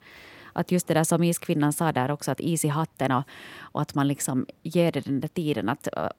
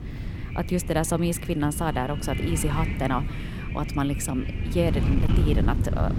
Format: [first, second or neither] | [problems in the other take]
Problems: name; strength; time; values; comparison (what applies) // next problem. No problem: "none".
first | wind noise on the microphone; heavy; 8 dB below the speech